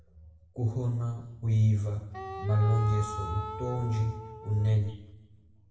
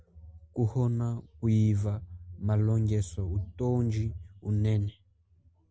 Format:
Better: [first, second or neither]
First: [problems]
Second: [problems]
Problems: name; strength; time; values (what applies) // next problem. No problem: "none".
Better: second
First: background sound (Wind instrument, woodwind instrument); 11 dB below the speech // room echo; dies away in 0.9 s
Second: none